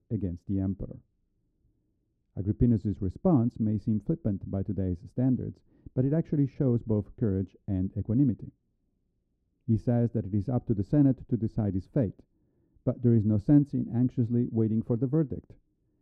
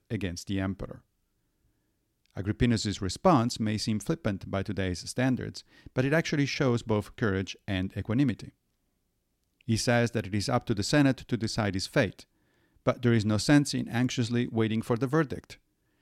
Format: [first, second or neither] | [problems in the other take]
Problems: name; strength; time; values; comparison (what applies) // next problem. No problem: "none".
second | muffled; very; fading above 1 kHz